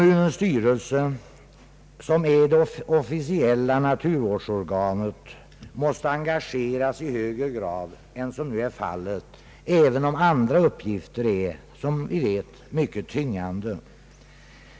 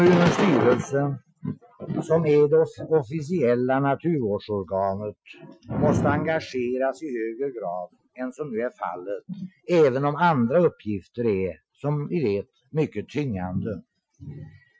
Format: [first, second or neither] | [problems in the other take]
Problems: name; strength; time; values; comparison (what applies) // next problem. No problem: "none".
first | noise reduction (classical method Wiener filter)